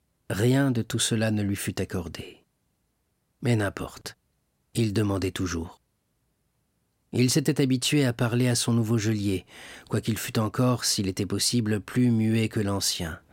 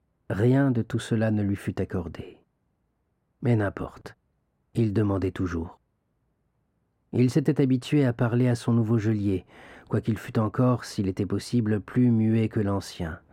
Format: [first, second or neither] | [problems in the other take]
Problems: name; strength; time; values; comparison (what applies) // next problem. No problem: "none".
first | muffled; very; fading above 2.5 kHz